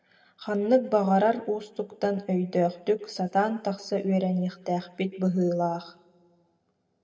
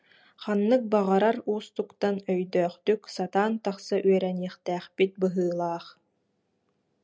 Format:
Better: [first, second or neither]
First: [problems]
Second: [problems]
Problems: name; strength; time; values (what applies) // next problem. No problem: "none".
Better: second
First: room echo; dies away in 1.2 s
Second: none